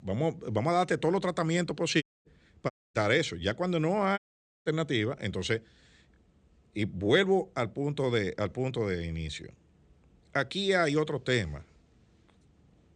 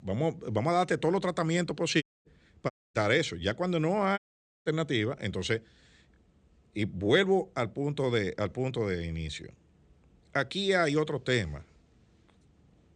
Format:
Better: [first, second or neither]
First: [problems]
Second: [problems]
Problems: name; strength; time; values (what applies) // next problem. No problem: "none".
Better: neither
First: audio cutting out; at 2 s, at 2.5 s and at 4 s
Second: audio cutting out; at 2 s, at 2.5 s and at 4 s